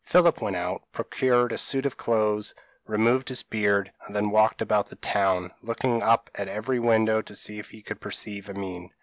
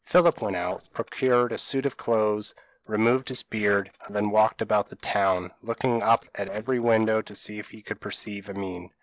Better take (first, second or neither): first